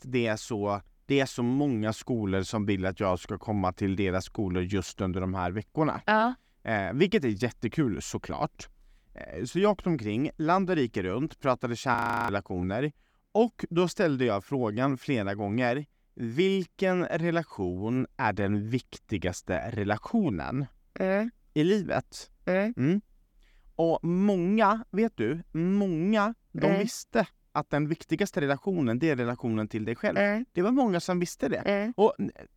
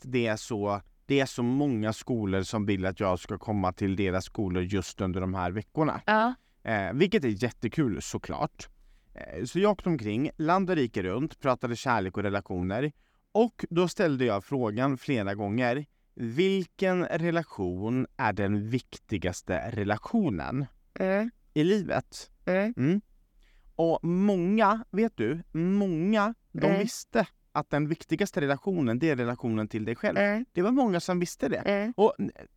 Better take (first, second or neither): second